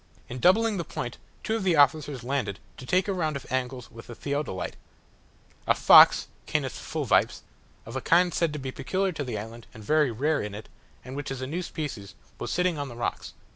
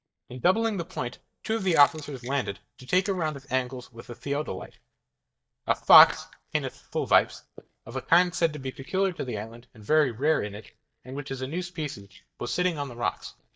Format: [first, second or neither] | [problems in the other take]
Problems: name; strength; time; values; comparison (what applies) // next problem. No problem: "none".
first | noise reduction (neural mask model DeepFilterNet 3)